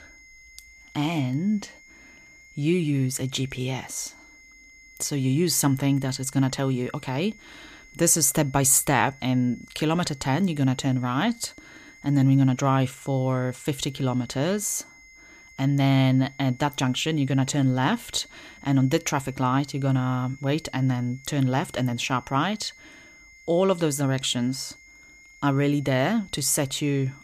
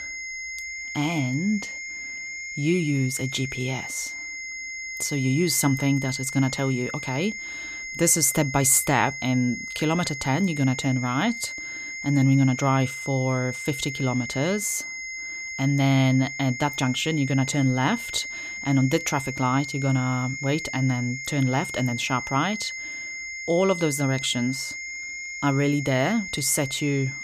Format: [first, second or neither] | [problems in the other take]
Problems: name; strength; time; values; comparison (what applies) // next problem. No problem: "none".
first | high-pitched whine; loud; throughout; 2 kHz, 8 dB below the speech; faint in the first